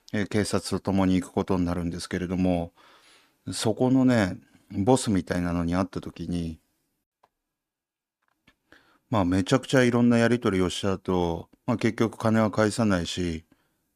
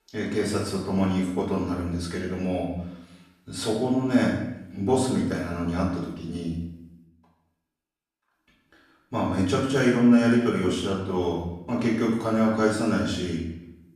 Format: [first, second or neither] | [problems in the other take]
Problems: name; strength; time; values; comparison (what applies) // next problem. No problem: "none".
first | off-mic speech; far // room echo; noticeable; dies away in 0.7 s